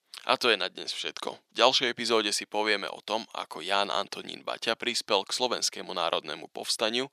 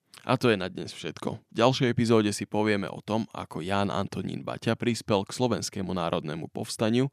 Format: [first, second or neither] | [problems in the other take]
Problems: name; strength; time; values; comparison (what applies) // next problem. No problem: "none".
second | thin; somewhat; fading below 550 Hz